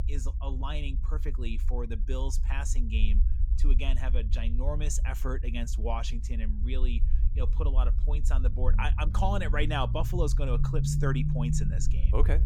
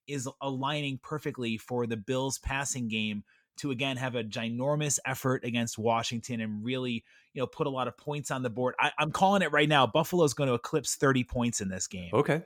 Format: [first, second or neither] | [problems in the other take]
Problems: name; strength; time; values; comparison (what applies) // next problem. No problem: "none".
second | low rumble; loud; throughout; 10 dB below the speech